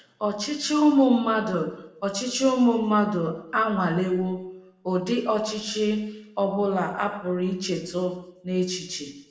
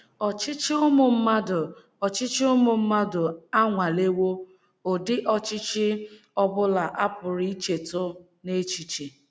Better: second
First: room echo; dies away in 0.7 s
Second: none

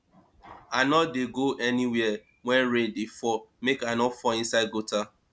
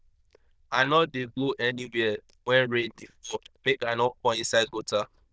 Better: first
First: none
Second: noise reduction (neural diffusion model UNIVERSE++)

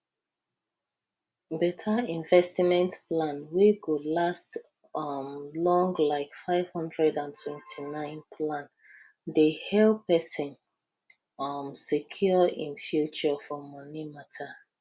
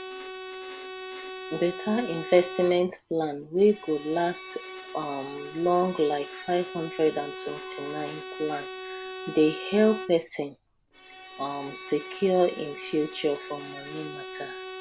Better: first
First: none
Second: background sound (Bowed string instrument); 12 dB below the speech

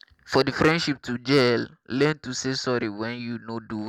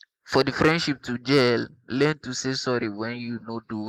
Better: first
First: none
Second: noise reduction (neural mask model Resemble Enhance denoiser)

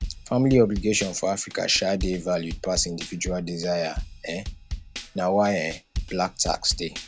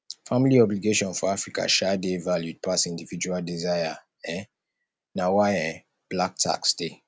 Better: second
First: background sound (Drum / Drum kit); 10 dB below the speech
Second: none

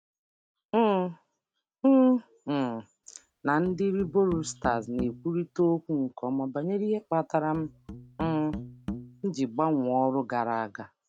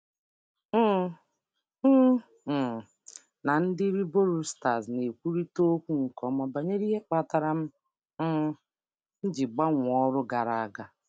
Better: second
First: background sound (Musical instrument); 14 dB below the speech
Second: none

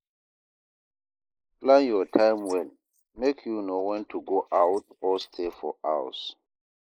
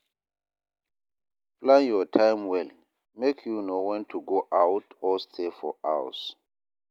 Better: second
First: noise reduction (neural mask model Resemble Enhance denoiser)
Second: none

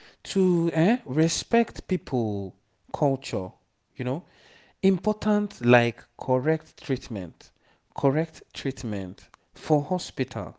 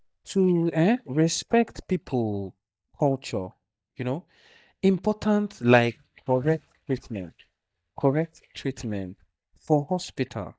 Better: first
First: none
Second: noise reduction (neural mask model DeepFilterNet 3)

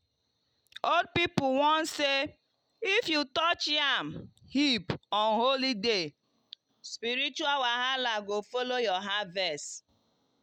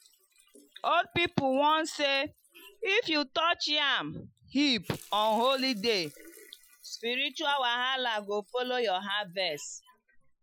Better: first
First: none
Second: noise reduction (classical method Wiener filter)

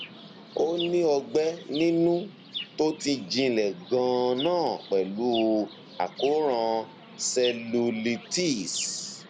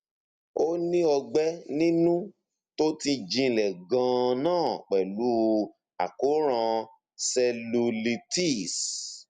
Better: second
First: background sound (Chirp, tweet); 15 dB below the speech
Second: none

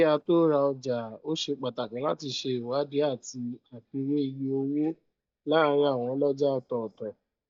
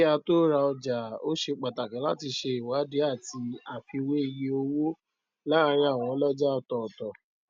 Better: second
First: noise reduction (neural mask model DeepFilterNet 3)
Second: none

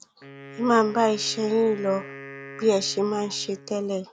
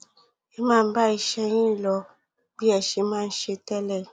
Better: second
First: background sound (Wind instrument, woodwind instrument); 17 dB below the speech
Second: none

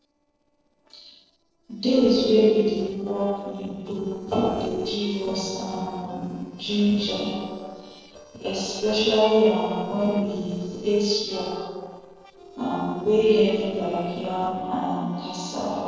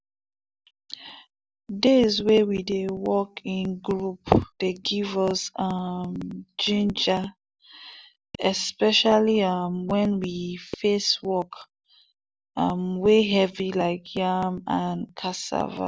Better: second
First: noise reduction (neural separator model SepFormer DNS4)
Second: none

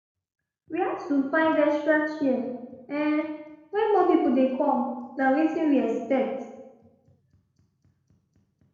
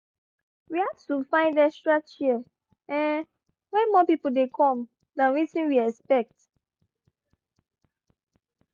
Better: second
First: room echo; dies away in 1 s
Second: none

